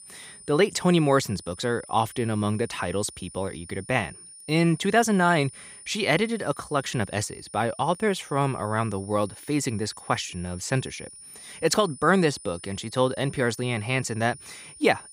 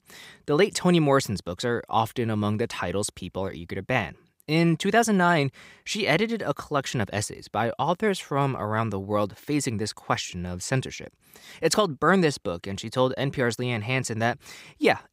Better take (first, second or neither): second